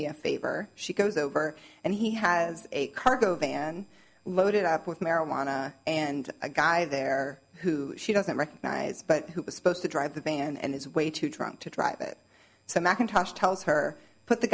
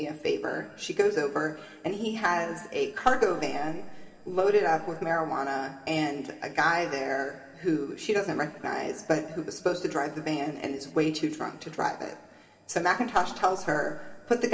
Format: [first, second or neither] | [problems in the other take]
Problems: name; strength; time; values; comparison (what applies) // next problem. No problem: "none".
first | room echo; dies away in 2.8 s